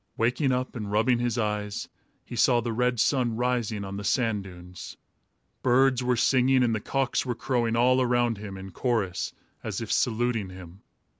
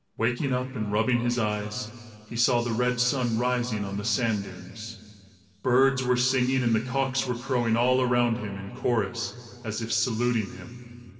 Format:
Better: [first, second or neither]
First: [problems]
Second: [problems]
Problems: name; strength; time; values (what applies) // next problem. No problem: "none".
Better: first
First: none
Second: room echo; dies away in 2.3 s